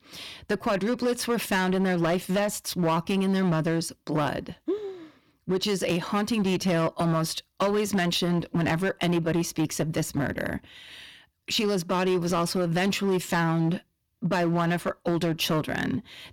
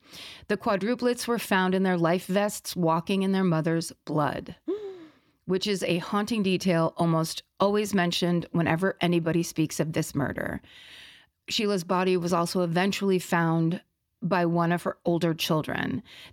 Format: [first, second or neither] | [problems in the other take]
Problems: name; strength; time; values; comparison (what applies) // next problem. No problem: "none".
second | distortion; slight; 11% of the sound clipped